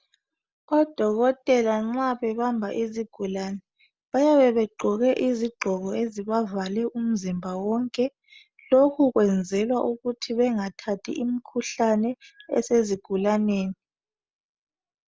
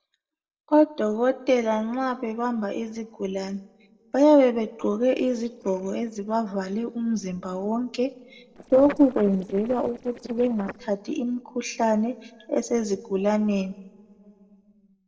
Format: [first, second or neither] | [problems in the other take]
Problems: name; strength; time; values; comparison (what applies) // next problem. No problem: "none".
first | noise reduction (neural separator model SepFormer DNS4)